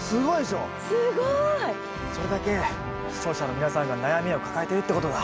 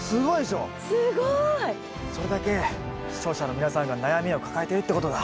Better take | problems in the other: second | background sound (Trumpet); 11 dB below the speech

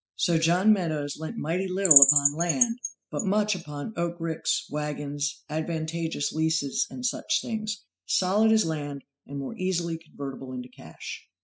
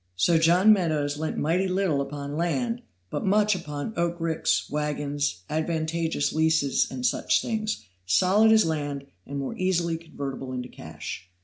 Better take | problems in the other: second | noise reduction (classical method spectral subtraction)

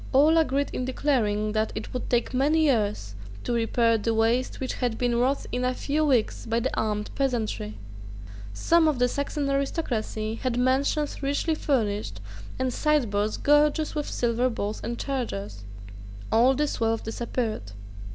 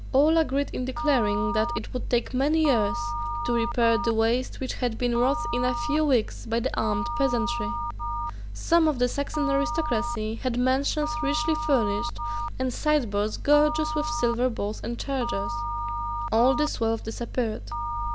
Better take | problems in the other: first | background sound (Telephone); 8 dB below the speech

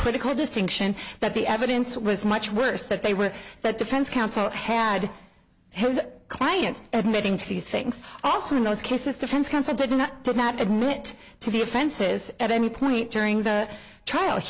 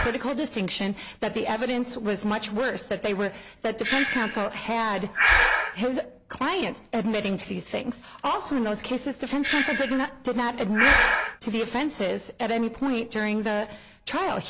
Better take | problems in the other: first | background sound (Breathing); 2 dB below the speech

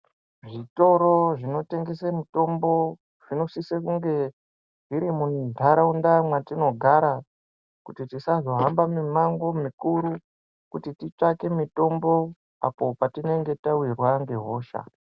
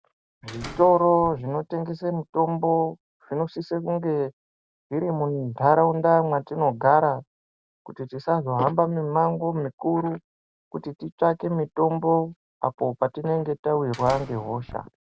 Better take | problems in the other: first | background sound (Slam); 16 dB below the speech

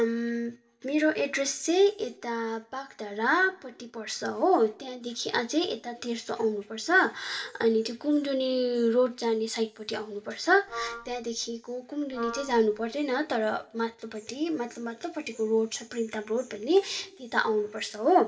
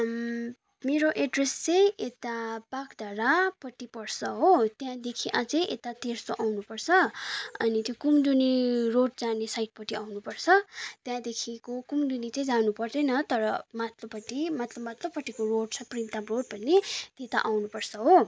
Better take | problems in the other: second | background sound (Wind instrument, woodwind instrument); 12 dB below the speech // room echo; dies away in 0.5 s

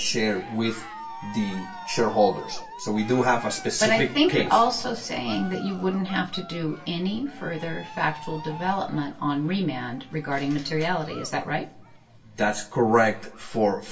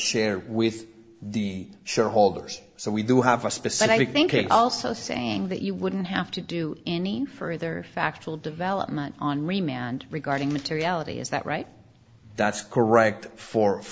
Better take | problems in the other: second | background sound (Cheering); 16 dB below the speech // room echo; dies away in 0.2 s

